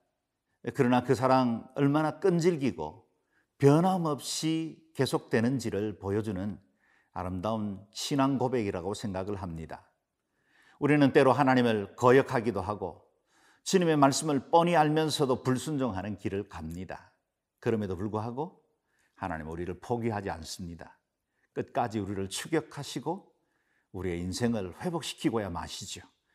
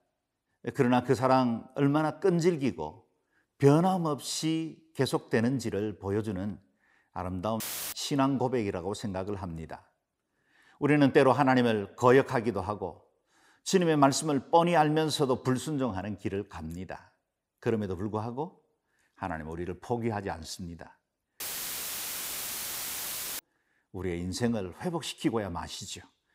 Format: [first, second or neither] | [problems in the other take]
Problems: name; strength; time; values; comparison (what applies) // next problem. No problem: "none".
first | audio cutting out; filled with static; at 7.5 s and at 21 s for 2 s